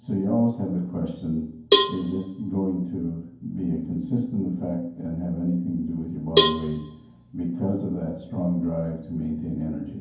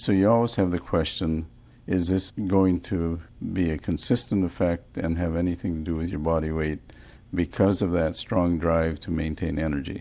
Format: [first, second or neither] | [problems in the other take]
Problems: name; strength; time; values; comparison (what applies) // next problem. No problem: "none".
second | background sound (Cowbell); as loud as the speech // room echo; dies away in 0.9 s